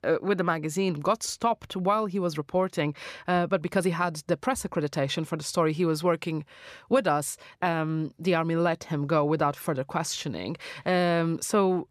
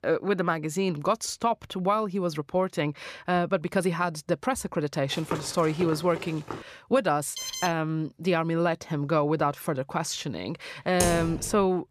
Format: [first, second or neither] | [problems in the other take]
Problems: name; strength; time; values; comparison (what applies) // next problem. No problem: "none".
first | footsteps; noticeable; from 5 to 6.5 s; peak 8 dB below the speech // alarm; noticeable; at 7.5 s; peak 5 dB below the speech // keyboard typing; noticeable; at 11 s; peak 1 dB below the speech